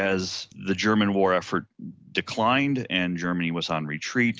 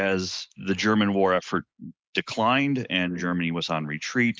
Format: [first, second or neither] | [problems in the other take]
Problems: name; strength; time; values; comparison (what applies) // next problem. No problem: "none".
first | noise reduction (neural mask model Resemble Enhance denoiser)